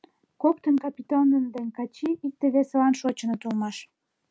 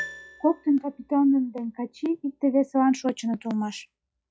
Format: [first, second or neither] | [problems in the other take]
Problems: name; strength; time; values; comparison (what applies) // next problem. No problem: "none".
first | noise reduction (classical method log-MMSE)